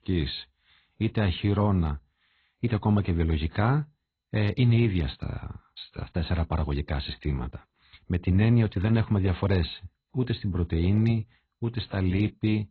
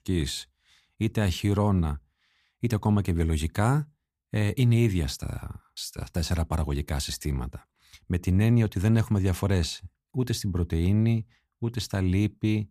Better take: second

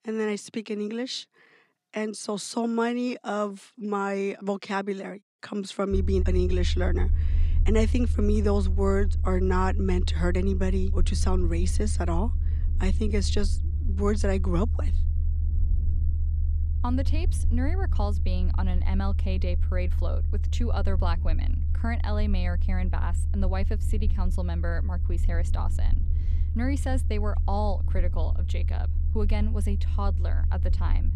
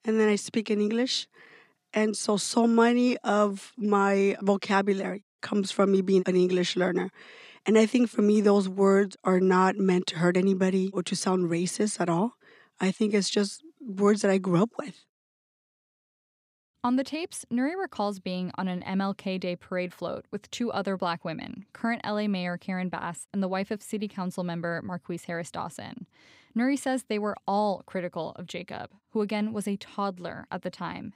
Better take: second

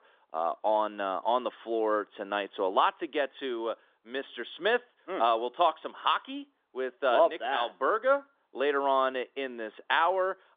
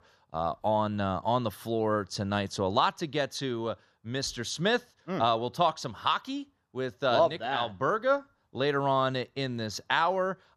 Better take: second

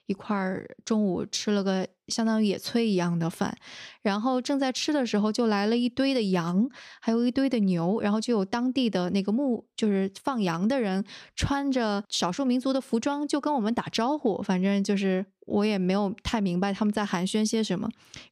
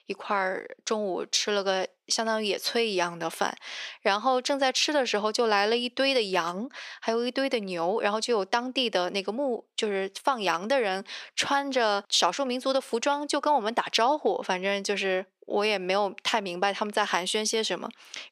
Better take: first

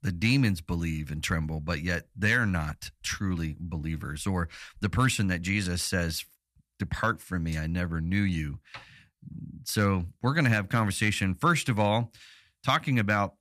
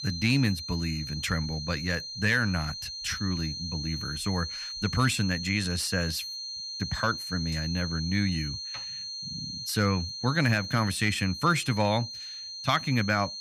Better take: first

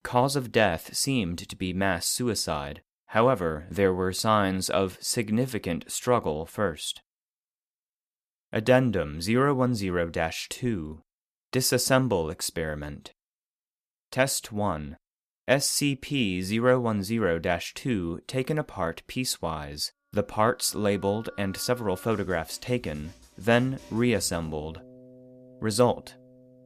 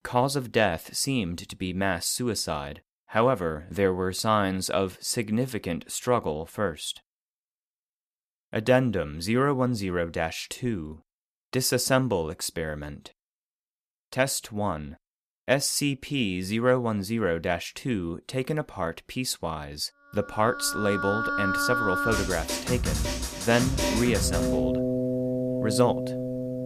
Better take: first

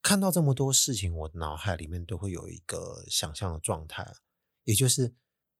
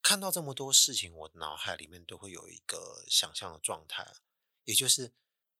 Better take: first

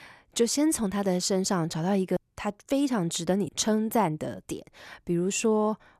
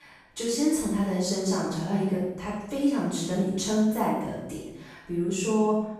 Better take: first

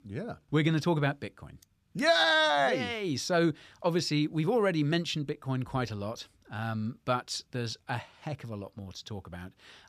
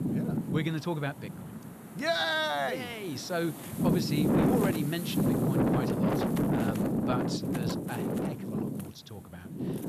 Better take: first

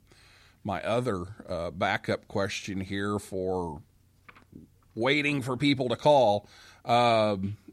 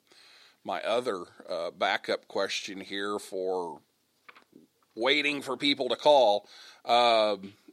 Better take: first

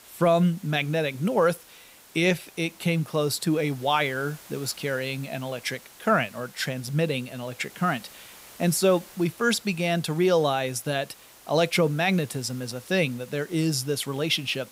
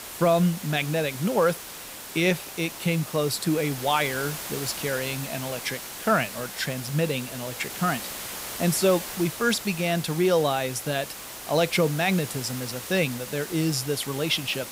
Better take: first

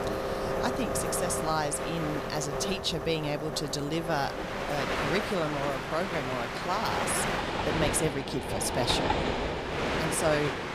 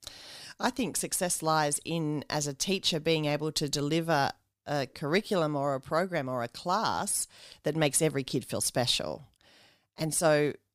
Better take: second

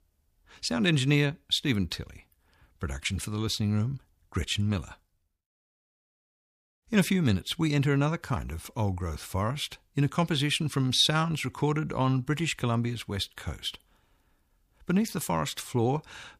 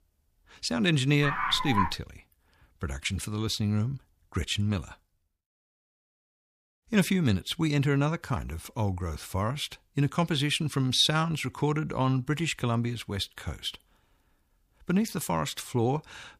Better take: first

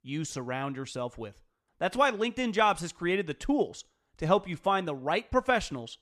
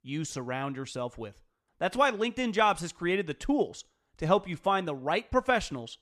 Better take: neither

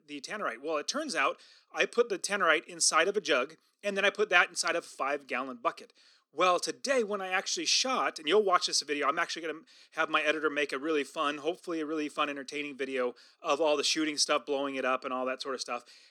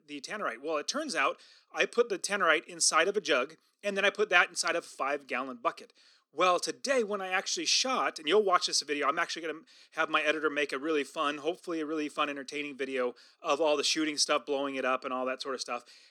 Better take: neither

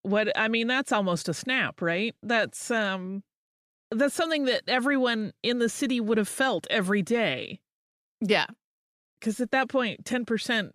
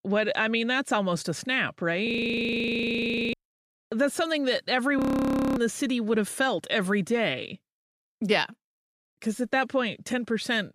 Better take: first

